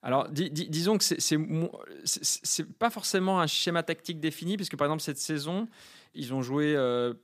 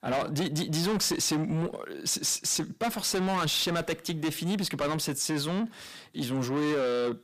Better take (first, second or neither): first